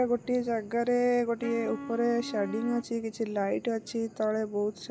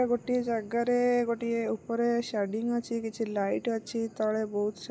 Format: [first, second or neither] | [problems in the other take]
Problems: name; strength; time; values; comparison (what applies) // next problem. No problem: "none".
second | background sound (Wind instrument, woodwind instrument); 12 dB below the speech